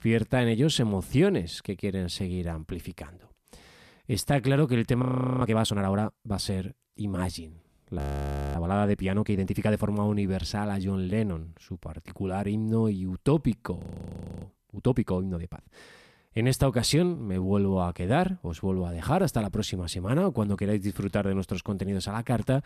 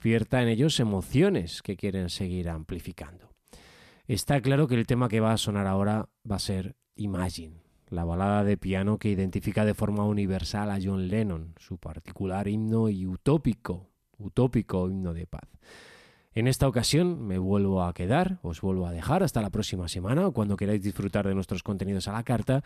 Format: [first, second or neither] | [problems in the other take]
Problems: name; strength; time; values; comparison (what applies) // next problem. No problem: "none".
second | audio freezing; at 5 s, at 8 s for 0.5 s and at 14 s for 0.5 s